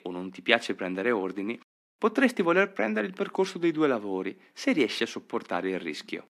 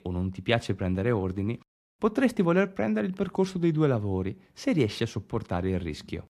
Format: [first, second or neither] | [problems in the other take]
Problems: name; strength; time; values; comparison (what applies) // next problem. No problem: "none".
second | thin; very slightly; fading below 250 Hz